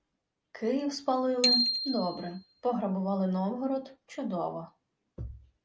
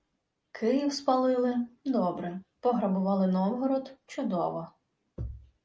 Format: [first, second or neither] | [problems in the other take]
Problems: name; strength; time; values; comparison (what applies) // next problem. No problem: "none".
second | background sound (Bicycle bell); 1 dB below the speech